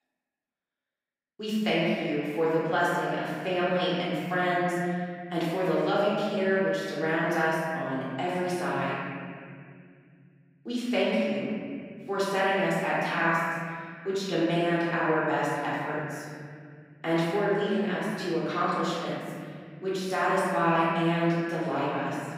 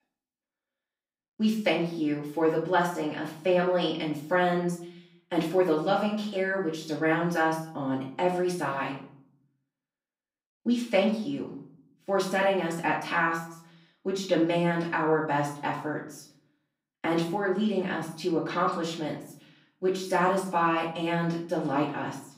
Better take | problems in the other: second | room echo; strong; dies away in 2.8 s; slight in the second // off-mic speech; far; far in the second

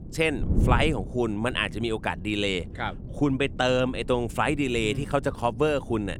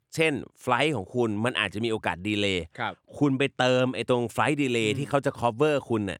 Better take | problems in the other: second | wind noise on the microphone; occasional gusts; 15 dB below the speech

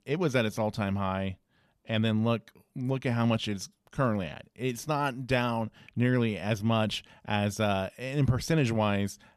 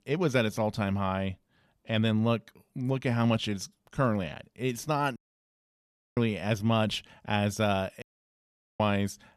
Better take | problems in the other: first | audio cutting out; at 5 s for 1 s and at 8 s for 1 s

